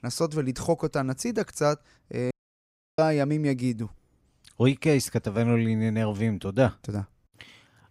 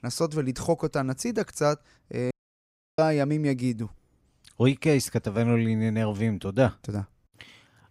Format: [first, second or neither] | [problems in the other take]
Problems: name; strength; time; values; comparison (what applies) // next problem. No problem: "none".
neither | audio cutting out; at 2.5 s for 0.5 s; the same in both